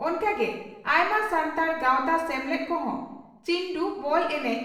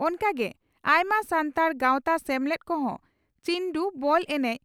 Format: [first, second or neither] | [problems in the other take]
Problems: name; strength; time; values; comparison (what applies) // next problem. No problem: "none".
second | room echo; dies away in 0.8 s